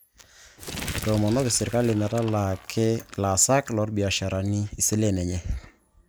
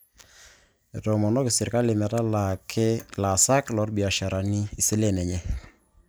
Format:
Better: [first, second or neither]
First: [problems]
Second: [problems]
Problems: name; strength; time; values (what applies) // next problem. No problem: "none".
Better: second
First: background sound (Crumpling, crinkling); 13 dB below the speech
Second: none